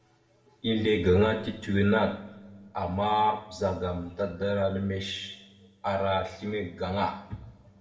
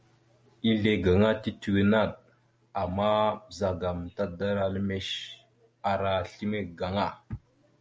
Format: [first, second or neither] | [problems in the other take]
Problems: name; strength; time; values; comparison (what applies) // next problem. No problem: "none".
second | room echo; dies away in 0.9 s